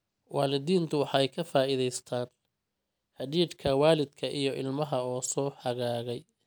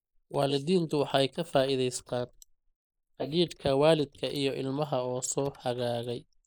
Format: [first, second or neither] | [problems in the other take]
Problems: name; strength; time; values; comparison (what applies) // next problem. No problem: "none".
first | noise reduction (neural mask model Resemble Enhance denoiser)